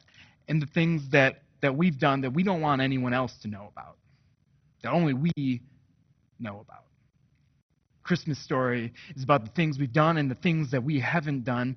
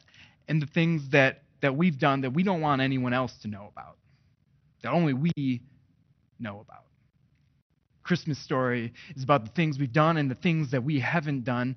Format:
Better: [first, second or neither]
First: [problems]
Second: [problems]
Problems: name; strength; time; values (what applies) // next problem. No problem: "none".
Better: second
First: garbled, watery; badly; nothing above 6 kHz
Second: garbled, watery; slightly; nothing above 6 kHz